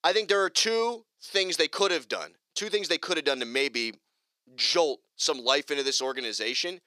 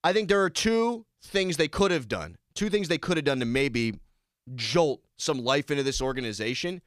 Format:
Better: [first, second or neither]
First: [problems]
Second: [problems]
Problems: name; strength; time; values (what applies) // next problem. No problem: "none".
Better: second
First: thin; somewhat; fading below 350 Hz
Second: none